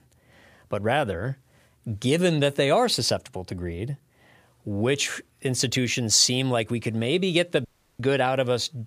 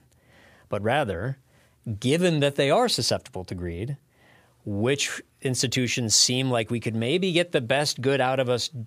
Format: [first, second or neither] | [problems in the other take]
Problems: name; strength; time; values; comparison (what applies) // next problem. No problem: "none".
second | audio cutting out; at 7.5 s